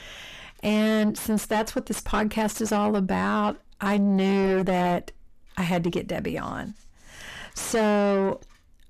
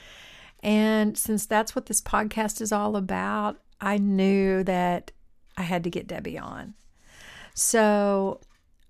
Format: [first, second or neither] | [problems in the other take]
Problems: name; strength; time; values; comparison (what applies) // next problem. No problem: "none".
second | distortion; heavy; 7 dB below the speech